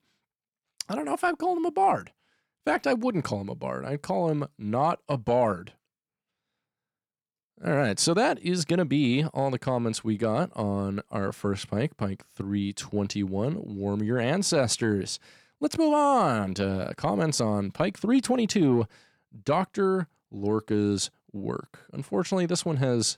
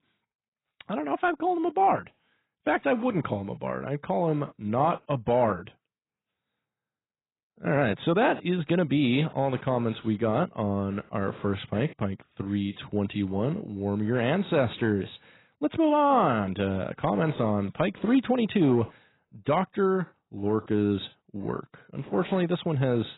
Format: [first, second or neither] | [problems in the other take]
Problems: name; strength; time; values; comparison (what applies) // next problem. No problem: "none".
first | garbled, watery; badly; nothing above 4 kHz